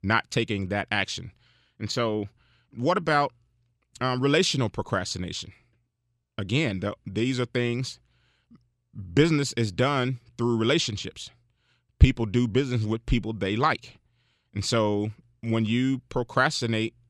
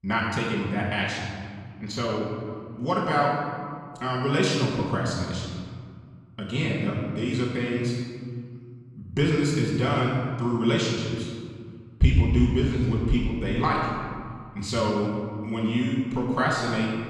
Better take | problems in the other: first | off-mic speech; far // room echo; noticeable; dies away in 1.9 s

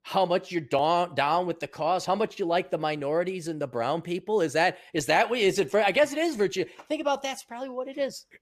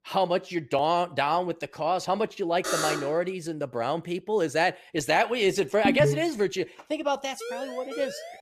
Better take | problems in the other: first | alarm; noticeable; at 2.5 s; peak 1 dB below the speech // phone ringing; loud; at 6 s; peak 1 dB above the speech // siren; noticeable; from 7.5 s on; peak 10 dB below the speech

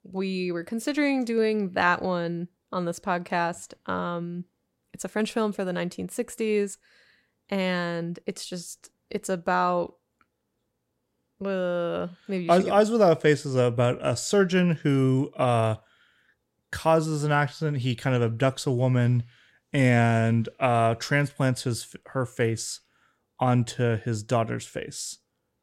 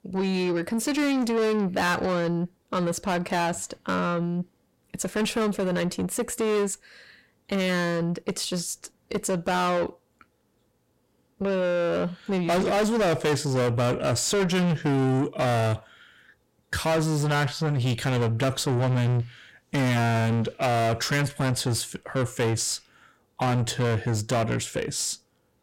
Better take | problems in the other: first | distortion; heavy; 6 dB below the speech

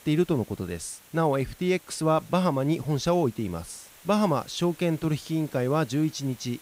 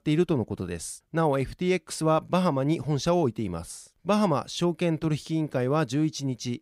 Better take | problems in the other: second | hiss; faint; throughout; 25 dB below the speech

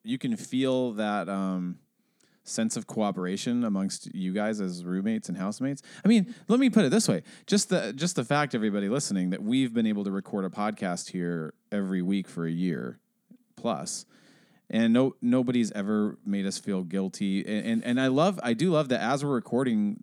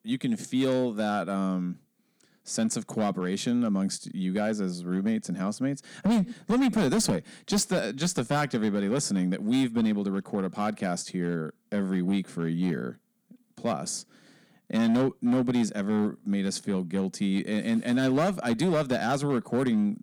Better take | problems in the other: first | distortion; slight; 6% of the sound clipped

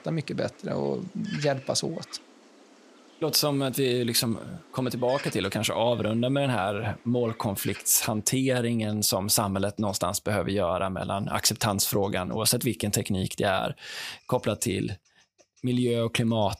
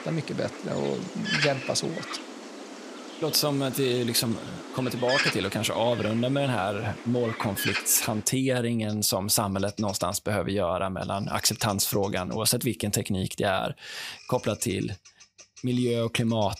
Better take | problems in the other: first | animal sounds; loud; throughout; 7 dB below the speech; faint in the first

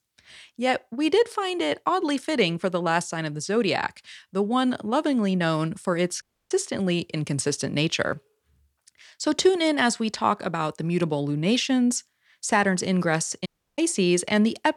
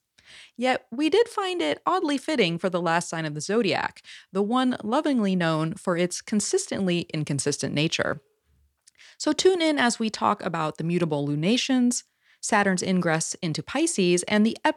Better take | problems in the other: second | audio cutting out; at 6 s and at 13 s

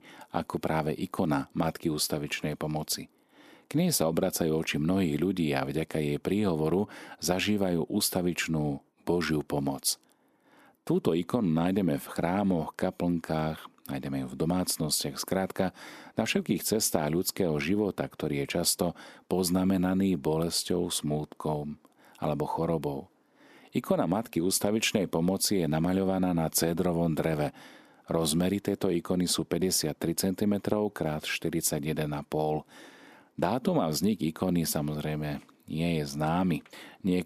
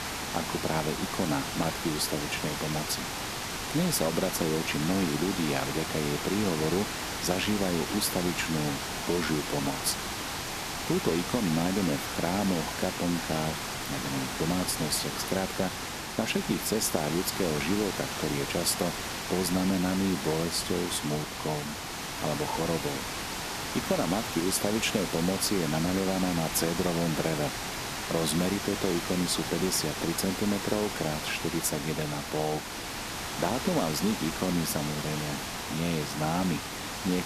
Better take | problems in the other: first | hiss; loud; throughout; 3 dB below the speech

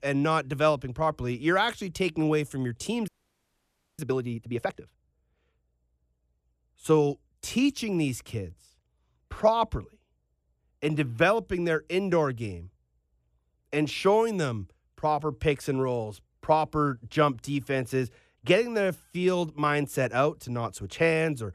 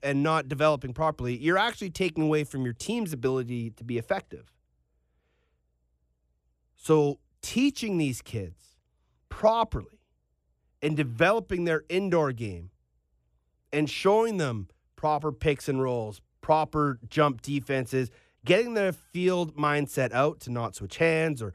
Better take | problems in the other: second | audio freezing; at 3 s for 1 s

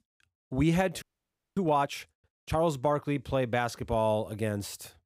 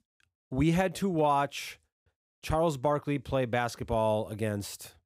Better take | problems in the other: second | audio freezing; at 1 s for 0.5 s

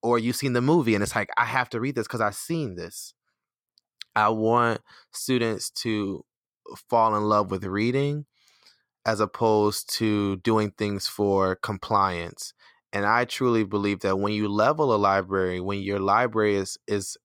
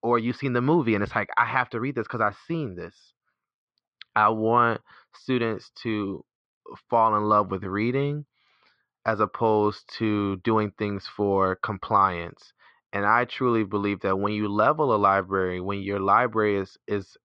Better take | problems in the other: first | muffled; slightly; fading above 3.5 kHz

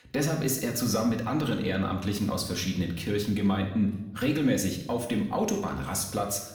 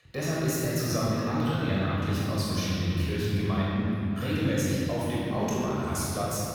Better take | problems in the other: first | room echo; strong; dies away in 3 s; slight in the first // off-mic speech; far; somewhat distant in the first

